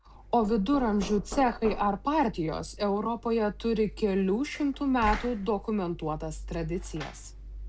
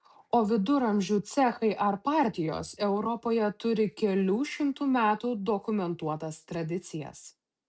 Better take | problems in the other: second | background sound (Knock); 12 dB below the speech

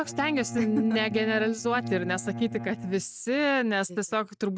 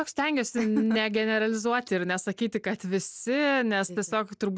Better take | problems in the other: second | noise reduction (neural mask model RNNoise)

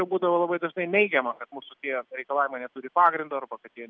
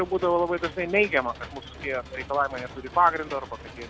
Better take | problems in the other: first | background sound (Engine / Mechanisms); 15 dB below the speech

